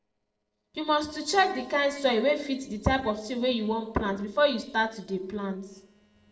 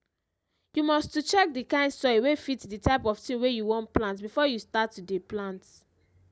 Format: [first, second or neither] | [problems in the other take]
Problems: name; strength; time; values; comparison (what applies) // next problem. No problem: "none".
second | noise reduction (neural separator model SepFormer DNS4)